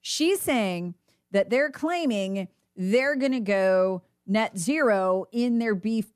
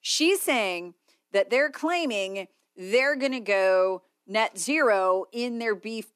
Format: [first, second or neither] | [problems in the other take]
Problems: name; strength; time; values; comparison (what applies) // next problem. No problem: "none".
first | thin; somewhat; fading below 300 Hz